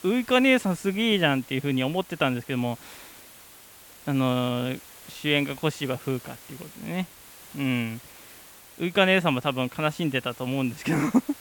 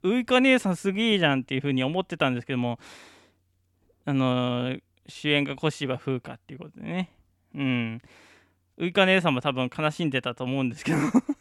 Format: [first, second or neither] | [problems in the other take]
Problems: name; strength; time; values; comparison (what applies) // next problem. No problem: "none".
second | hiss; faint; throughout; 20 dB below the speech